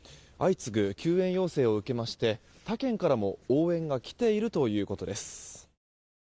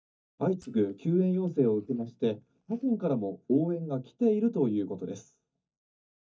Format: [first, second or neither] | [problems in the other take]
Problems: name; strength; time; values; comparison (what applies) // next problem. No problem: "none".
first | noise reduction (neural mask model DeepFilterNet 3)